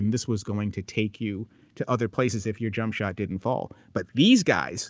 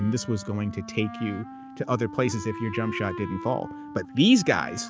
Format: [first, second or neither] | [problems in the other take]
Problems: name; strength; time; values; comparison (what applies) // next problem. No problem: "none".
first | background sound (Wind instrument, woodwind instrument); 12 dB below the speech